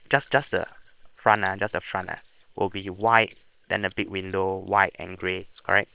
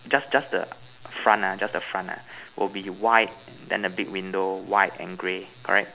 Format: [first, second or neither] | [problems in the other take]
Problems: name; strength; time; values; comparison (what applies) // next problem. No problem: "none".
second | noise reduction (neural separator model SepFormer WHAM!)